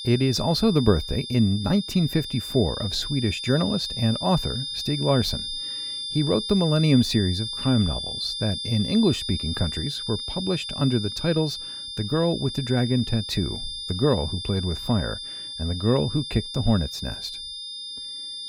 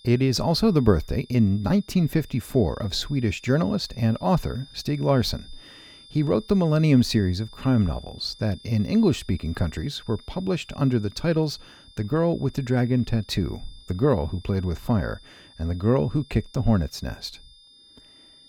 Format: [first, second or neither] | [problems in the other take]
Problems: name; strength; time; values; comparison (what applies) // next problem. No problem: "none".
second | high-pitched whine; loud; throughout; 3.5 kHz, 6 dB below the speech; faint in the second